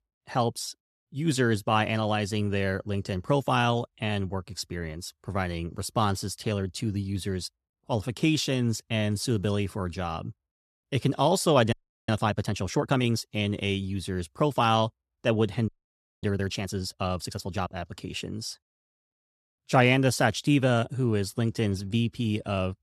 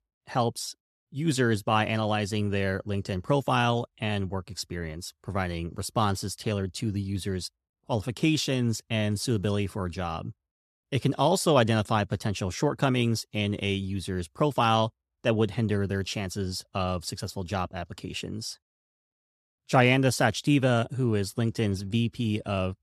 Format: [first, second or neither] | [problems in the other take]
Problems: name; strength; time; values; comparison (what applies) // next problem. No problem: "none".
second | audio freezing; at 12 s and at 16 s for 0.5 s